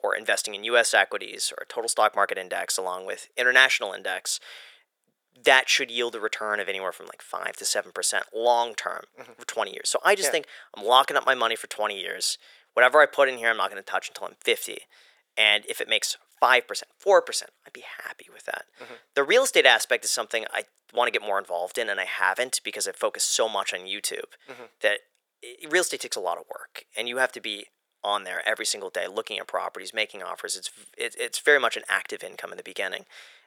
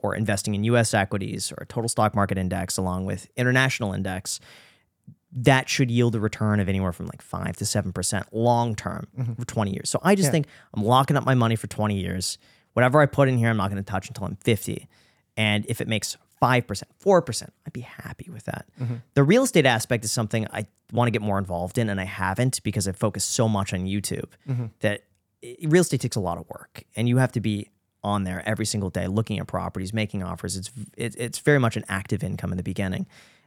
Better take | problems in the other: second | thin; very; fading below 450 Hz

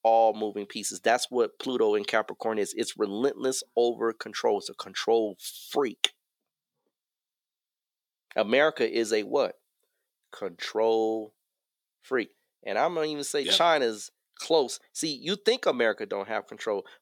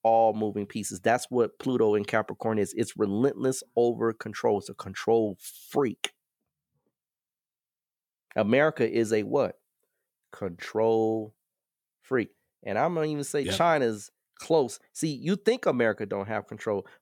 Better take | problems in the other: second | thin; very slightly; fading below 300 Hz

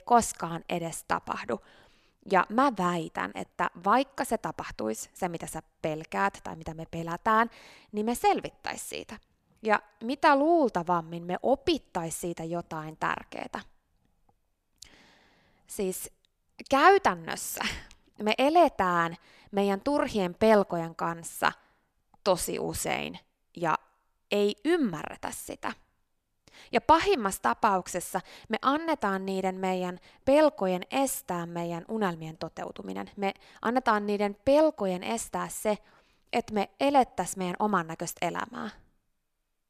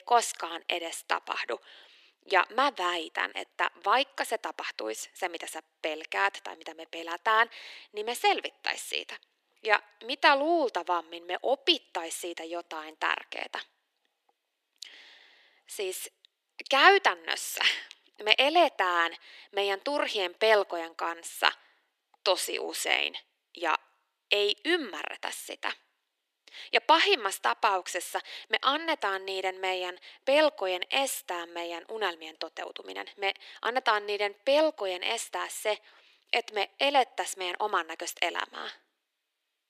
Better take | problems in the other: first | thin; somewhat; fading below 300 Hz

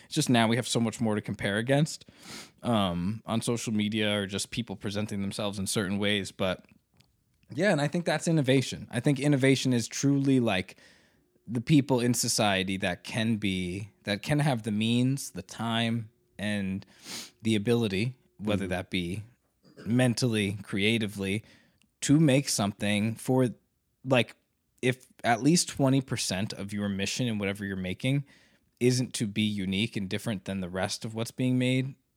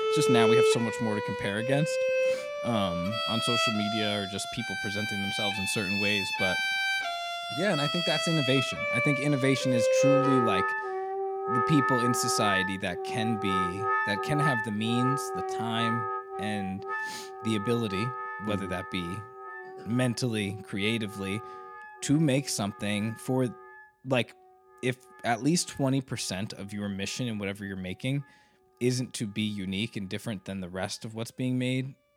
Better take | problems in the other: first | background music; very loud; throughout; 2 dB above the speech

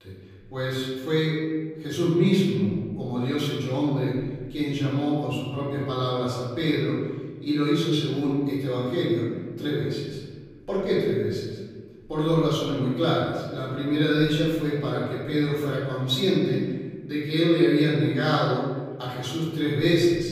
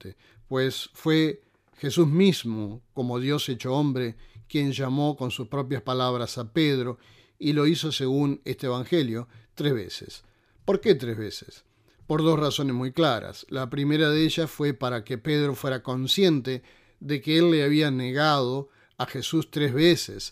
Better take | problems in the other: second | off-mic speech; far // room echo; noticeable; dies away in 1.5 s

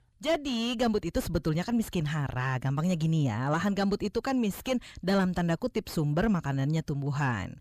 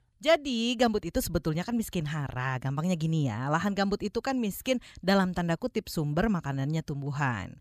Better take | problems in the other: second | distortion; slight; 10 dB below the speech

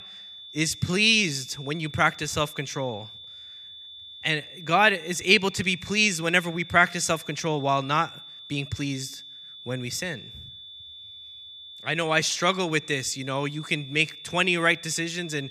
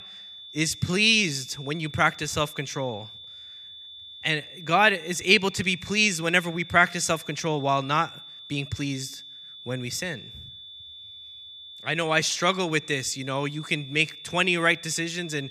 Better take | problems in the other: neither | high-pitched whine; noticeable; throughout; 3.5 kHz, 15 dB below the speech; the same in both

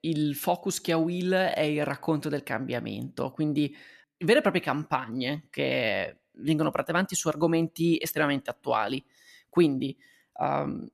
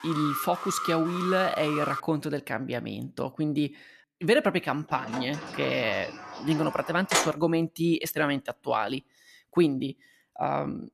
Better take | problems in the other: first | alarm; noticeable; until 2 s; peak 4 dB below the speech // door banging; loud; from 5 to 7.5 s; peak 2 dB above the speech

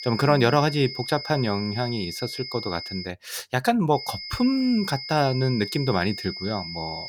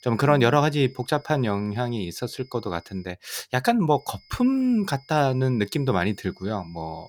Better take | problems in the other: second | high-pitched whine; loud; until 3 s and from 4 s on; 5 kHz, 8 dB below the speech; faint in the second

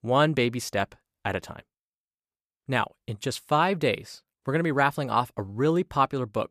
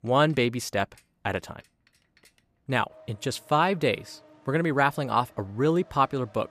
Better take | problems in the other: first | traffic noise; faint; throughout; 30 dB below the speech

